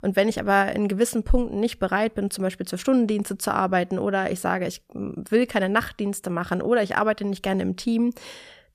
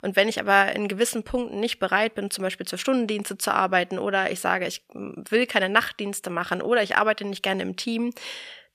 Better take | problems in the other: first | thin; very slightly; fading below 400 Hz

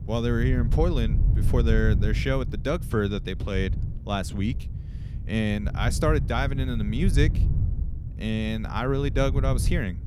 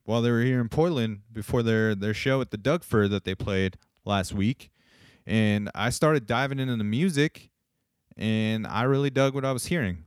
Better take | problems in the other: second | wind noise on the microphone; occasional gusts; 15 dB below the speech

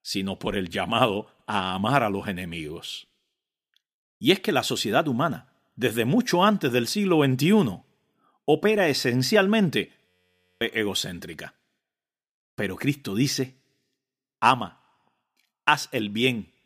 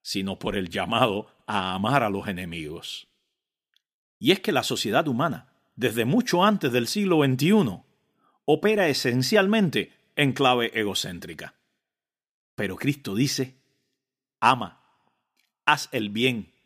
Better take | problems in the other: second | audio freezing; at 10 s for 0.5 s

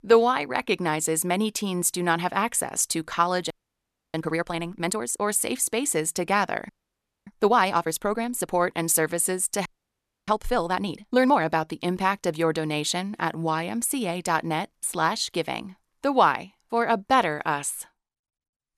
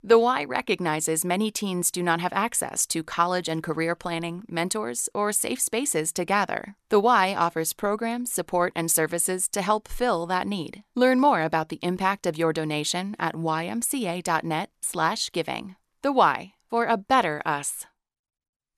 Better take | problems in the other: second | audio freezing; at 3.5 s for 0.5 s, at 6.5 s for 0.5 s and at 9.5 s for 0.5 s

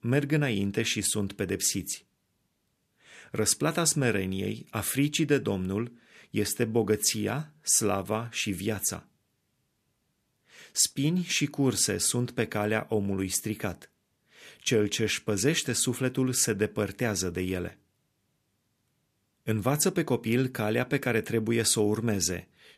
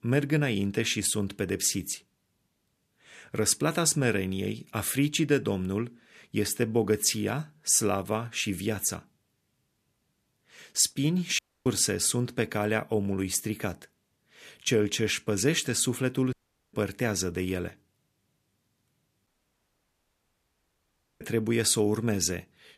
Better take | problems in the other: first | audio cutting out; at 11 s, at 16 s and at 19 s for 2 s

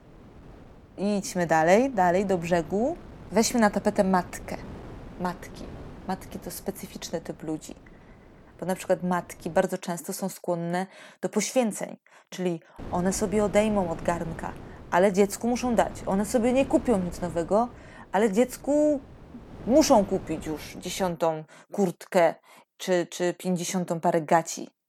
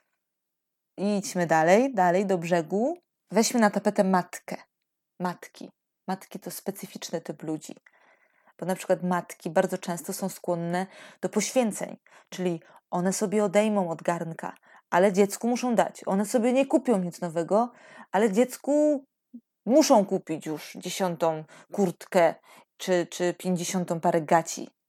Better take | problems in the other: second | wind noise on the microphone; occasional gusts; until 9.5 s and from 13 to 21 s; 20 dB below the speech

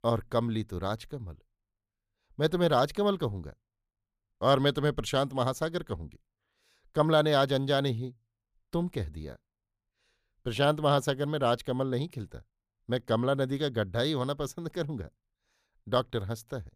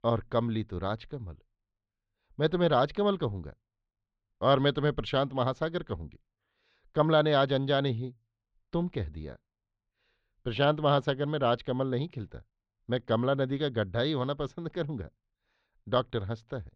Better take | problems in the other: first | muffled; very slightly; fading above 4 kHz

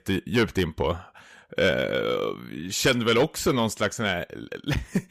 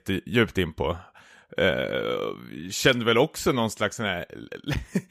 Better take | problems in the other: second | distortion; slight; 10 dB below the speech

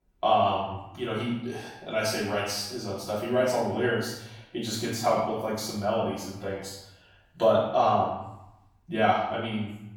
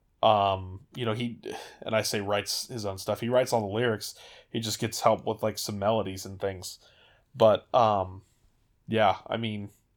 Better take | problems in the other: second | off-mic speech; far // room echo; noticeable; dies away in 0.8 s

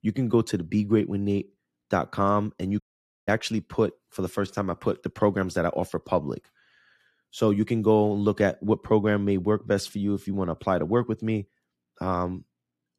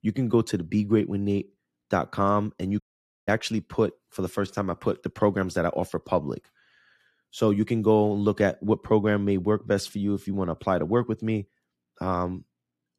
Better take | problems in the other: neither | audio cutting out; at 3 s; the same in both

